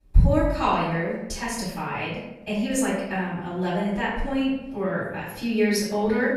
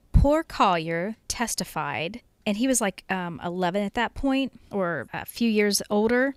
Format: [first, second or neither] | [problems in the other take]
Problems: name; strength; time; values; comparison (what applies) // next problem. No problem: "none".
second | off-mic speech; far // room echo; noticeable; dies away in 0.9 s